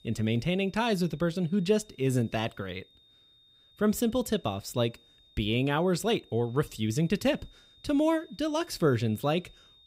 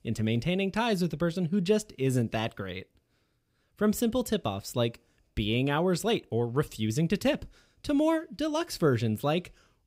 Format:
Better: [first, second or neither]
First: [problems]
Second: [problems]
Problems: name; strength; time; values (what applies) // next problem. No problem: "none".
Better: second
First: high-pitched whine; faint; throughout; 3.5 kHz, 30 dB below the speech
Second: none